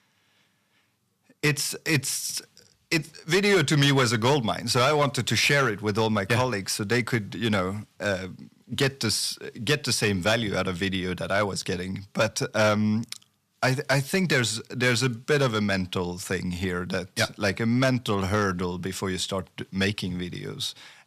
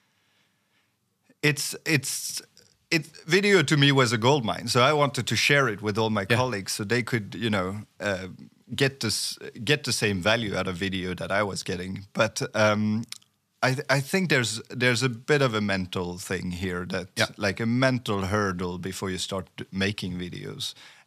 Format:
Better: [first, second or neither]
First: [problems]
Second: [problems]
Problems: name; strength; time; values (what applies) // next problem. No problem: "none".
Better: second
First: distortion; slight; 3% of the sound clipped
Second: none